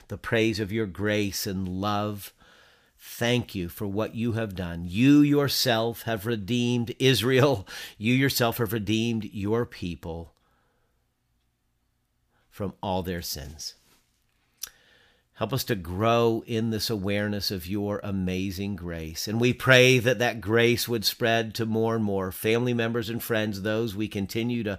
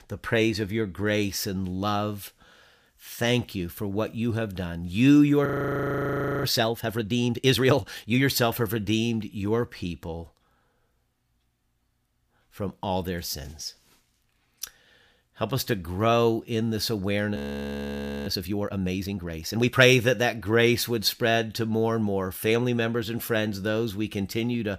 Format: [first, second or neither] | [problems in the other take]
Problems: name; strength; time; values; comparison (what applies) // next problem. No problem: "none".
first | audio freezing; at 5.5 s for 1 s and at 17 s for 1 s